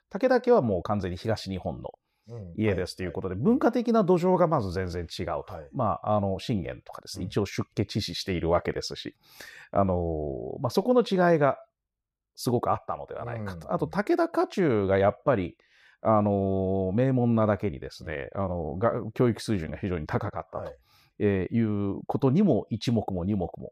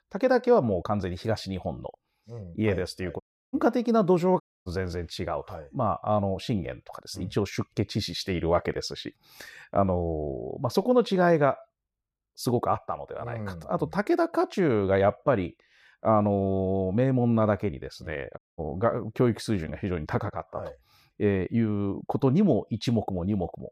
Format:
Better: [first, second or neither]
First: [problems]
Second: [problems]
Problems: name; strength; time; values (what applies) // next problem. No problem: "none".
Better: first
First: none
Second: audio cutting out; at 3 s, at 4.5 s and at 18 s